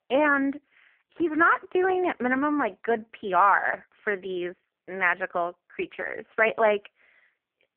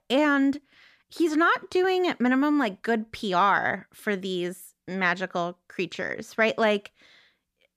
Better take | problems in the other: second | phone-call audio; poor line

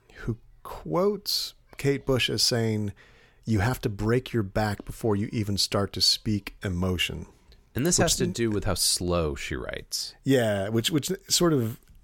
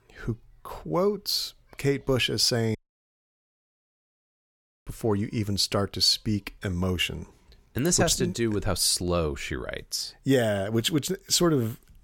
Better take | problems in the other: first | audio cutting out; at 3 s for 2 s

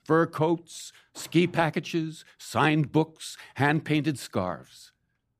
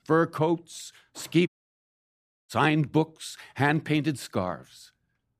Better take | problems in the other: first | audio cutting out; at 1.5 s for 1 s

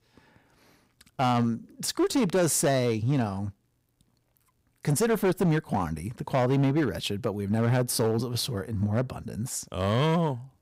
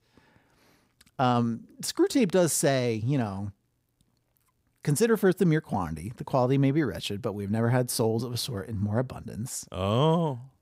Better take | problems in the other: second | distortion; slight; 8% of the sound clipped

